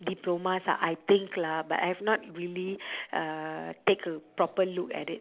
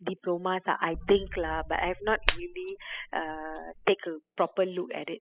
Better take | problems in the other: first | noise reduction (classical method spectral subtraction)

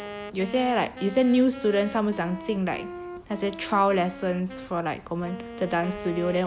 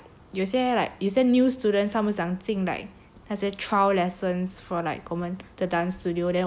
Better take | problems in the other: second | background sound (Wind instrument, woodwind instrument); 13 dB below the speech

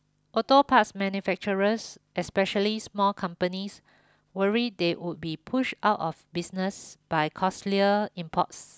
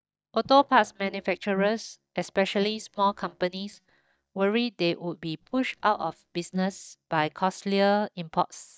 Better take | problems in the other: first | noise reduction (neural mask model DeepFilterNet 3)

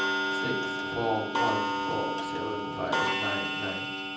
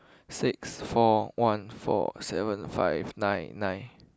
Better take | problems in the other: second | background sound (Clock); 4 dB above the speech // room echo; dies away in 0.6 s

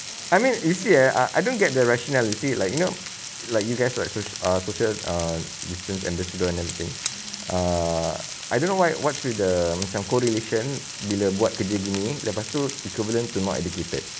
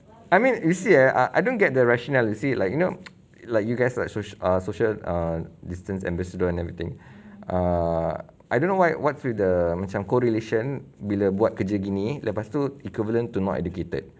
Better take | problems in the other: second | background sound (Frying (food)); 10 dB below the speech

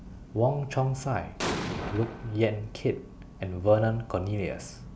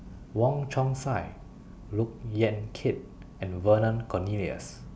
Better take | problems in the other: second | background sound (Explosion); 7 dB below the speech

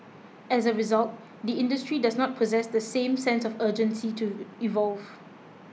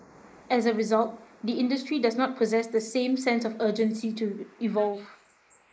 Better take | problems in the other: first | noise reduction (neural mask model Resemble Enhance denoiser)

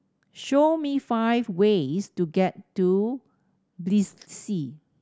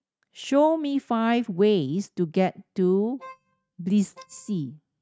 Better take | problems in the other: first | noise reduction (neural mask model RNNoise)

